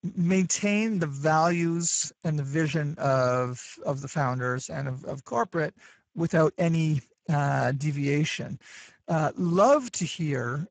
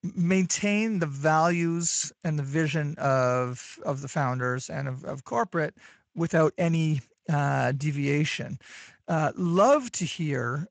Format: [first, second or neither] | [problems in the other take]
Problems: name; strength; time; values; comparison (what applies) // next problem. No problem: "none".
second | garbled, watery; badly; nothing above 7.5 kHz; slightly in the second